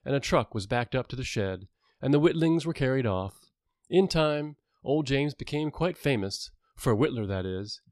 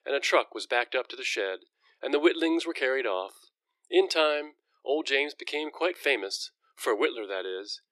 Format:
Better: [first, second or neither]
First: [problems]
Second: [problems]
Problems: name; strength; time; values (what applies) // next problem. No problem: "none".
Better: first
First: none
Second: thin; very; fading below 350 Hz